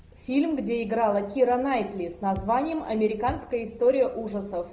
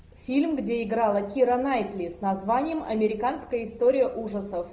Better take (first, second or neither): second